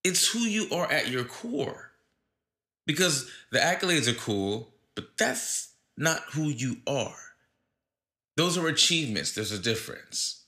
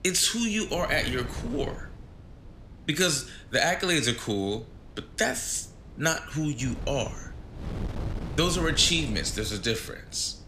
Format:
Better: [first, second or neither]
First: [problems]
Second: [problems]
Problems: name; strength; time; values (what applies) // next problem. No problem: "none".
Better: first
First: none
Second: wind noise on the microphone; occasional gusts; 20 dB below the speech